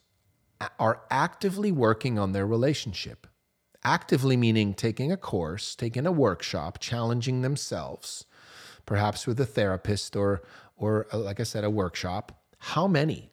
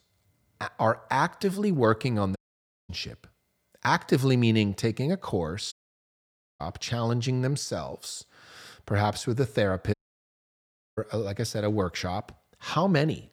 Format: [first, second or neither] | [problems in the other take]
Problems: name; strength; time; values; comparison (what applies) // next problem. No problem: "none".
first | audio cutting out; at 2.5 s for 0.5 s, at 5.5 s for 1 s and at 10 s for 1 s